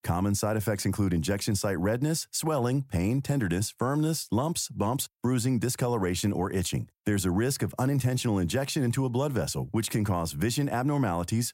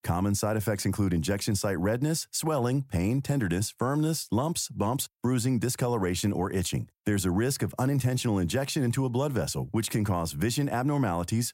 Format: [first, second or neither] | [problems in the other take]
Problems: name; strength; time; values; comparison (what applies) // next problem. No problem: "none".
neither | none